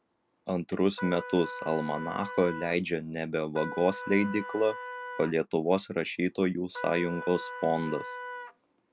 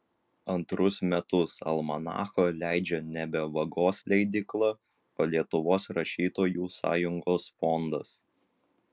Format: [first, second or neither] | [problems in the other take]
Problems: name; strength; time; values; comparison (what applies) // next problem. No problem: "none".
second | background sound (Trumpet); 10 dB below the speech